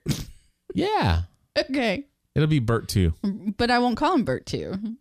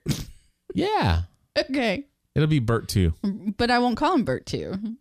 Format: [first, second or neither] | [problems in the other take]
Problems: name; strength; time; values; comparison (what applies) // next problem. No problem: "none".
neither | none